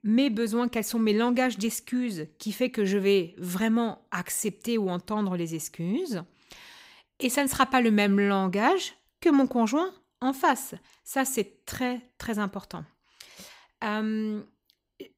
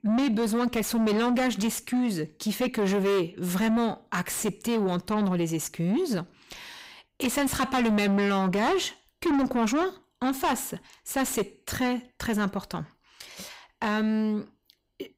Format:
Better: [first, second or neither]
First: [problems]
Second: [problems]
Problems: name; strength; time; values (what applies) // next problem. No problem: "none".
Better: first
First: none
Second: distortion; heavy; 7 dB below the speech